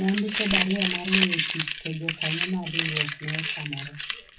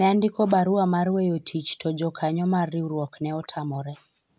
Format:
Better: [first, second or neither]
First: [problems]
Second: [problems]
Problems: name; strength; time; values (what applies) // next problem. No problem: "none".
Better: second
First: background sound (Crumpling, crinkling); 1 dB above the speech // room echo; dies away in 0.3 s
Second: none